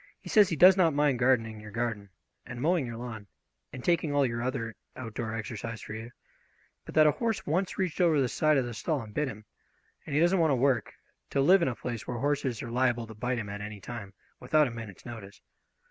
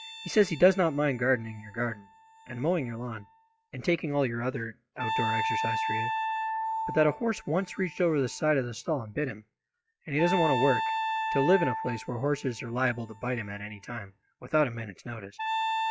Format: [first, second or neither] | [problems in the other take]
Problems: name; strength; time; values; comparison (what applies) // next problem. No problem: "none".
first | noise reduction (classical method log-MMSE)